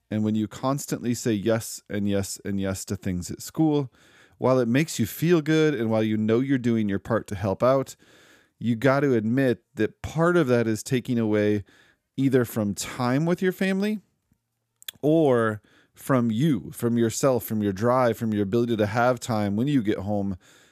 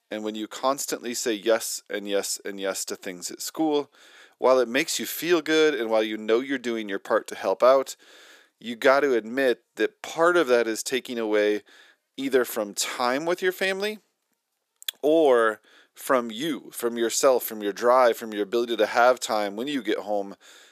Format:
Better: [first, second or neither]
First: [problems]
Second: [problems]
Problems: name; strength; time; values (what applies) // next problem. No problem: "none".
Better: first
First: none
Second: thin; somewhat; fading below 400 Hz